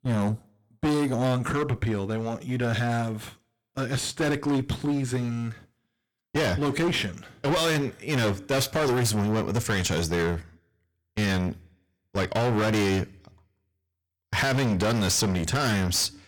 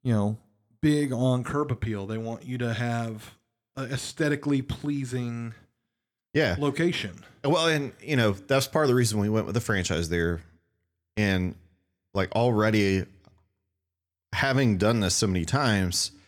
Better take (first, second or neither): second